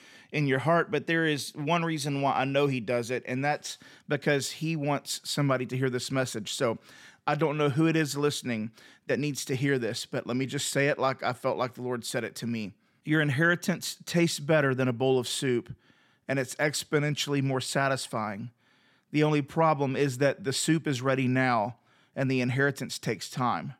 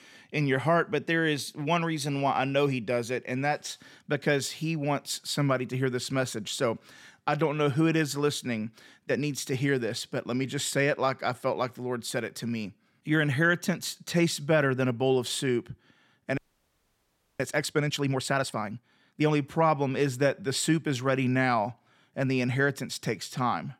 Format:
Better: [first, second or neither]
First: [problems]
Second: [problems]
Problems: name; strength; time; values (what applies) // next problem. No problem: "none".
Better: first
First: none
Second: audio freezing; at 16 s for 1 s